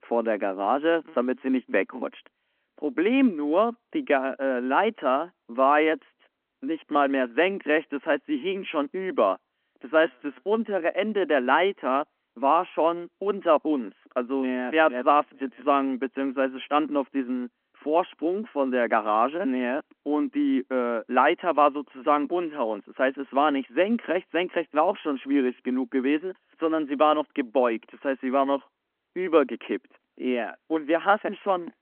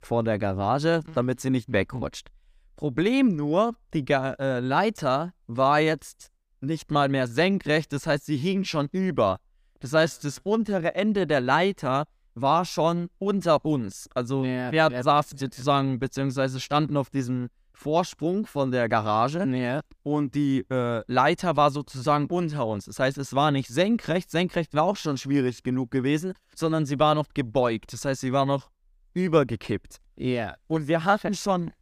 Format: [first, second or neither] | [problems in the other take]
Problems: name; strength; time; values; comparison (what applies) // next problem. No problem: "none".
second | phone-call audio